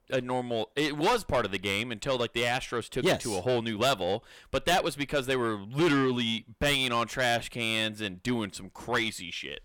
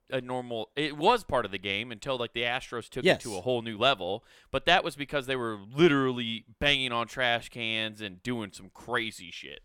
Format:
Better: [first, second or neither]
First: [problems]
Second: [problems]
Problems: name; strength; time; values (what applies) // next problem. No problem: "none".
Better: second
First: distortion; heavy; 6 dB below the speech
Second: none